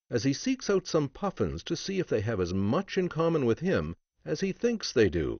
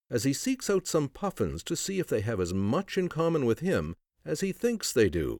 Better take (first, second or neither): second